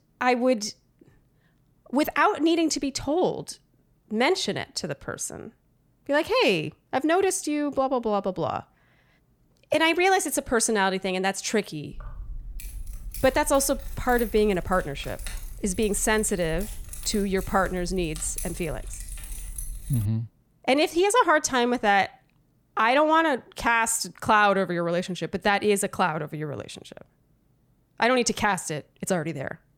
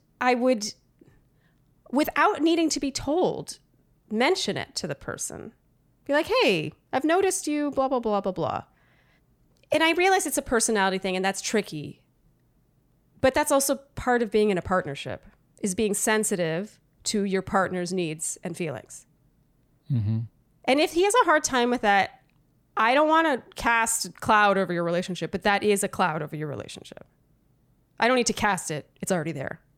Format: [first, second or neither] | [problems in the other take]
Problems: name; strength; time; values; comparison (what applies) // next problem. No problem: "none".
second | jangling keys; noticeable; from 12 to 20 s; peak 10 dB below the speech